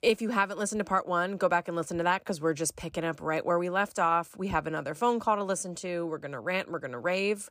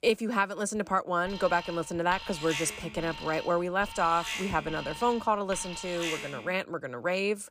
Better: first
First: none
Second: alarm; noticeable; from 1.5 to 6.5 s; peak 4 dB below the speech

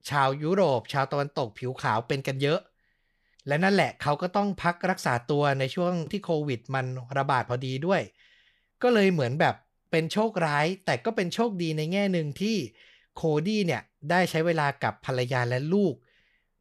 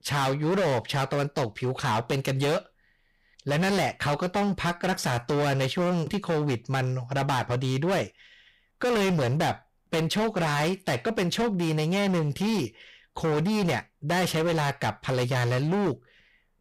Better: first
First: none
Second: distortion; heavy; 23% of the sound clipped

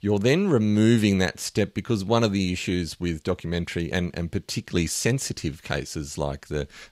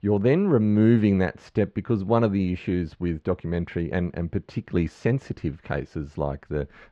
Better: first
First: none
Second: muffled; very; fading above 1.5 kHz

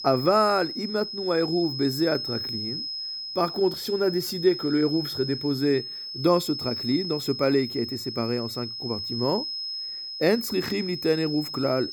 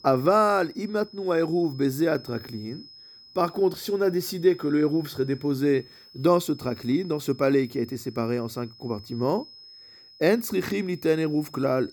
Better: second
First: high-pitched whine; loud; throughout; 5 kHz, 6 dB below the speech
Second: high-pitched whine; faint; throughout; 5 kHz, 20 dB below the speech

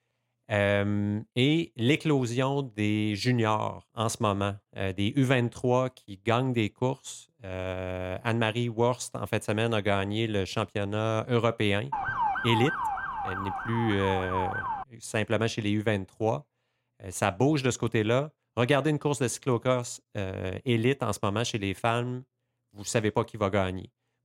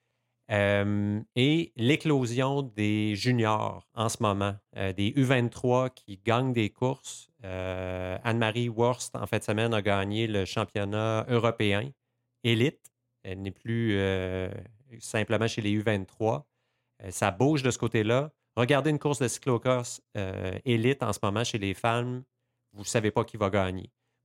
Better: second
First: siren; noticeable; from 12 to 15 s; peak level with the speech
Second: none

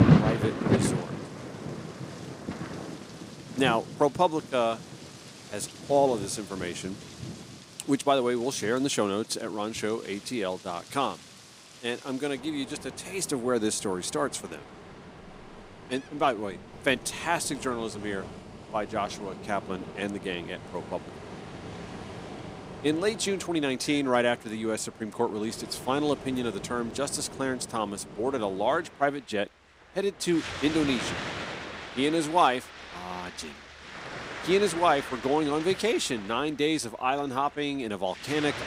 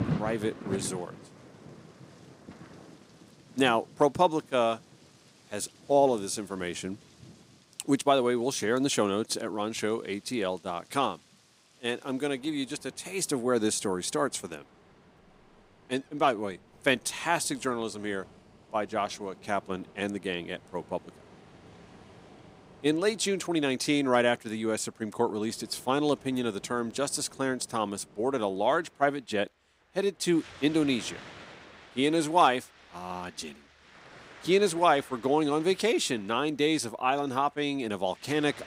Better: second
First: rain or running water; loud; throughout; 9 dB below the speech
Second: rain or running water; faint; throughout; 20 dB below the speech

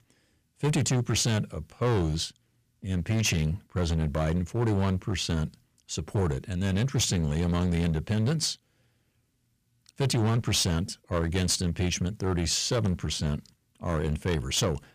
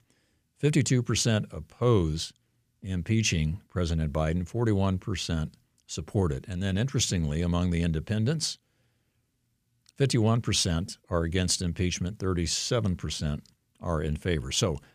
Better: second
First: distortion; slight; 10% of the sound clipped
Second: none

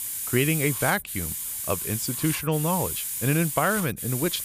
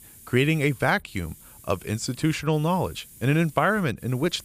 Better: second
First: hiss; loud; throughout; 2 dB below the speech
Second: hiss; faint; throughout; 20 dB below the speech

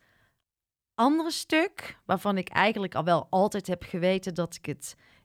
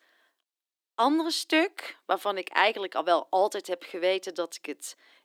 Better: first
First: none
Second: thin; somewhat; fading below 300 Hz

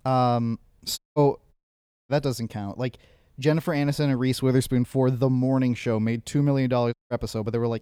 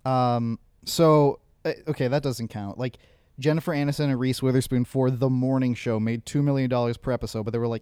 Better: second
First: audio cutting out; at 1 s, at 1.5 s for 0.5 s and at 7 s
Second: none

